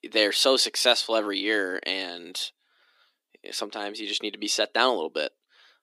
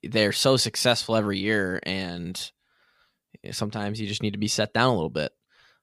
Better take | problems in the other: second | thin; somewhat; fading below 300 Hz

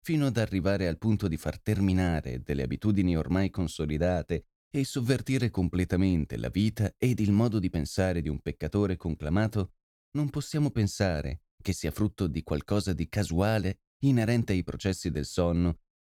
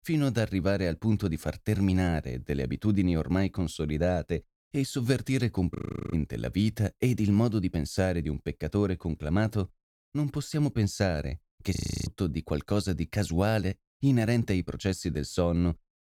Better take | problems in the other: first | audio freezing; at 6 s and at 12 s

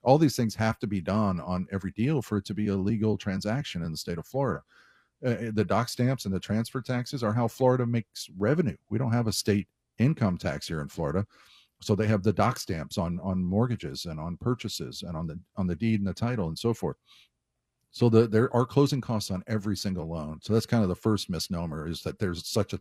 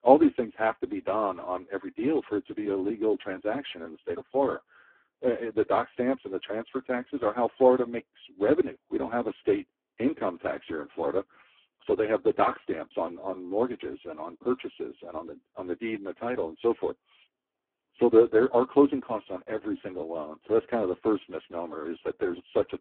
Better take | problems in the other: first | phone-call audio; poor line

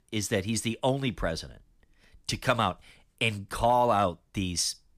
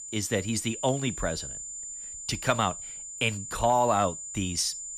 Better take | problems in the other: first | high-pitched whine; loud; throughout; 7 kHz, 8 dB below the speech

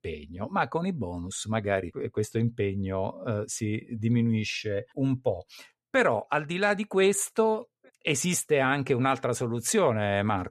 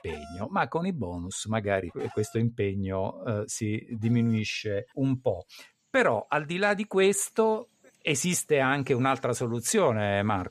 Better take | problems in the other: first | animal sounds; faint; throughout; 25 dB below the speech

